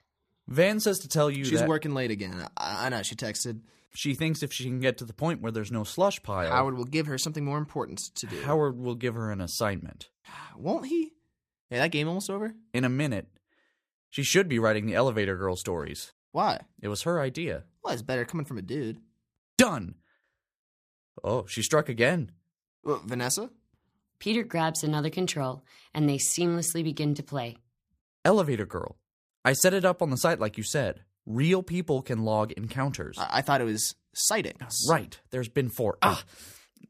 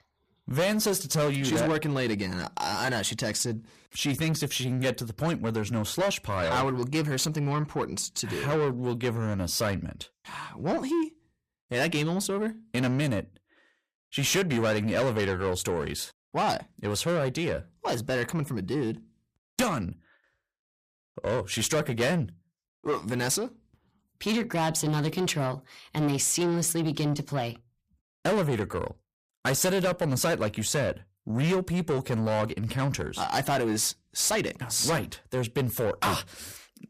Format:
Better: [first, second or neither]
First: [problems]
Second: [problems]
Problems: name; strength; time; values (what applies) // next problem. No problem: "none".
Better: first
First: none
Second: distortion; heavy; 7 dB below the speech